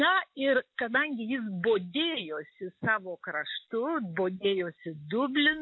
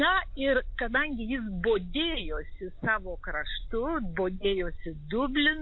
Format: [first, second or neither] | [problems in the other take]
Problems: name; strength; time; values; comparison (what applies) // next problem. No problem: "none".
first | background sound (Bark); 8 dB below the speech